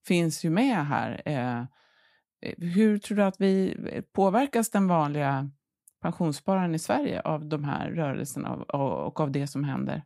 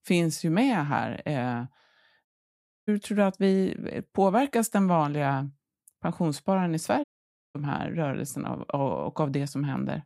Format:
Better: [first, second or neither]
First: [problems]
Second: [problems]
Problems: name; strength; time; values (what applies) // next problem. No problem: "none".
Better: first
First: none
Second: audio cutting out; at 2.5 s for 0.5 s and at 7 s for 0.5 s